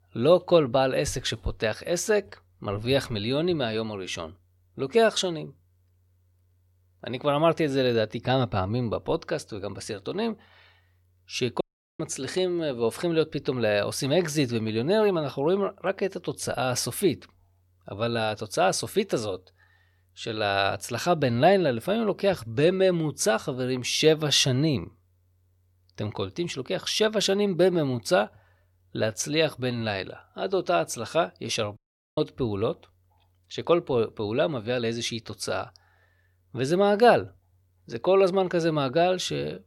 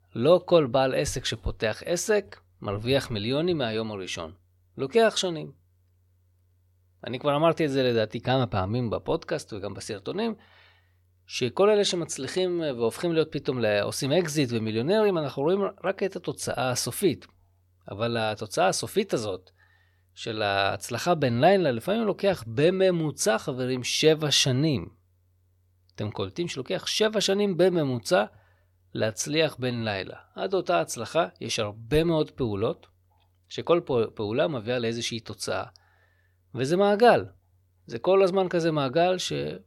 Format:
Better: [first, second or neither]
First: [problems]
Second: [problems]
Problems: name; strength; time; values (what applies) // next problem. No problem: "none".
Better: second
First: audio cutting out; at 12 s and at 32 s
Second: none